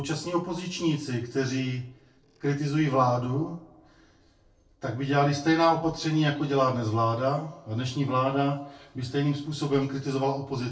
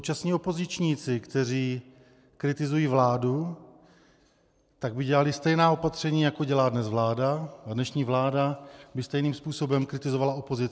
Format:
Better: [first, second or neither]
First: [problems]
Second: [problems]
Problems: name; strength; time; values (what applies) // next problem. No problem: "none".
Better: second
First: noise reduction (neural separator model SepFormer DNS4)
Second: none